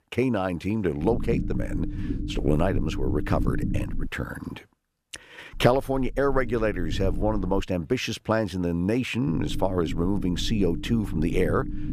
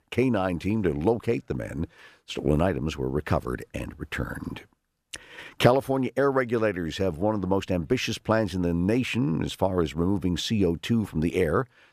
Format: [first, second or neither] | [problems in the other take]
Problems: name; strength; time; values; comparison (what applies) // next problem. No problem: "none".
second | low rumble; noticeable; from 1 to 4 s, from 5.5 to 7.5 s and from 9.5 s on; 10 dB below the speech